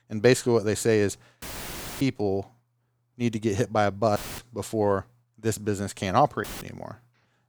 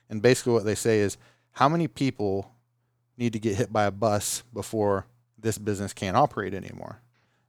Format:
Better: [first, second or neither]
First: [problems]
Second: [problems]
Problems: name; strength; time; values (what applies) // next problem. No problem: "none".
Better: second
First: audio cutting out; filled with static; at 1.5 s for 0.5 s, at 4 s and at 6.5 s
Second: none